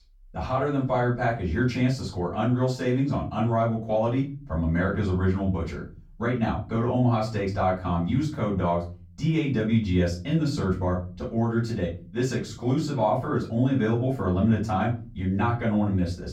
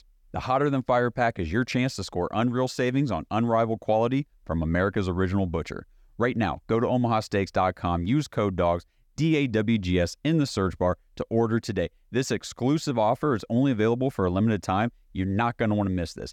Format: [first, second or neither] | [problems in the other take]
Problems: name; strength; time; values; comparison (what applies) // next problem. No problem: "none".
second | off-mic speech; far // room echo; slight; dies away in 0.5 s